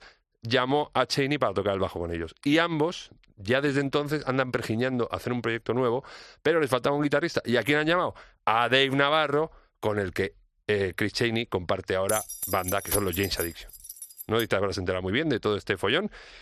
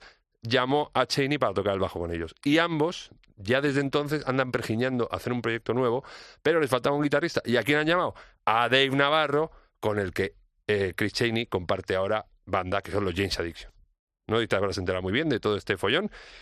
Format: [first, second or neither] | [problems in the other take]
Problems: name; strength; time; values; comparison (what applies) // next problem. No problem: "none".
second | jangling keys; noticeable; from 12 to 14 s; peak 3 dB below the speech